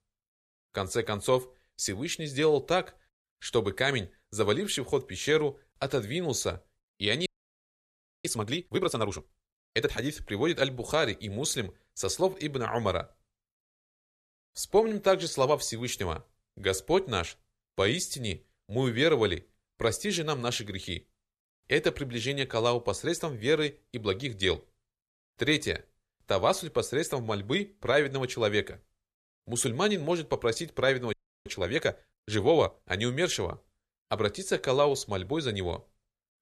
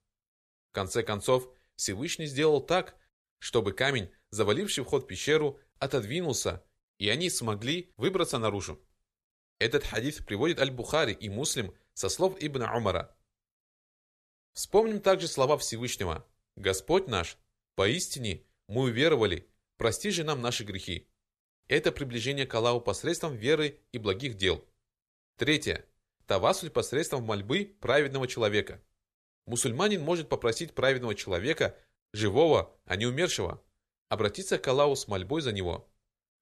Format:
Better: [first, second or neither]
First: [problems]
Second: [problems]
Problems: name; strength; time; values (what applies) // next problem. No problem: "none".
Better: second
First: audio freezing; at 7.5 s for 1 s and at 31 s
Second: none